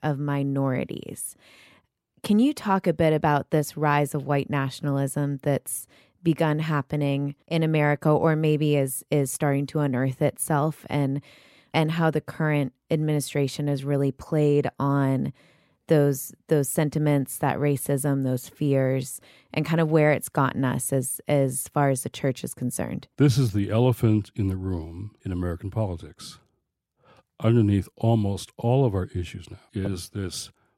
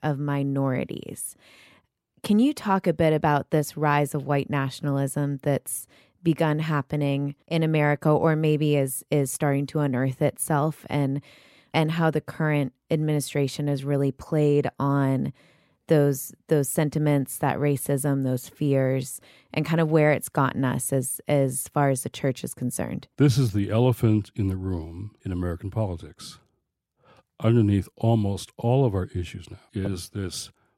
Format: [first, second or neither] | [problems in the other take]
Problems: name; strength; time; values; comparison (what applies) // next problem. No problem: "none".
neither | none